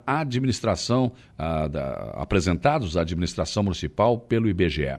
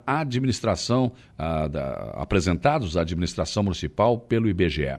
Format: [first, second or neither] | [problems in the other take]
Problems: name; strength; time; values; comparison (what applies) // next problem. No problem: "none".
neither | none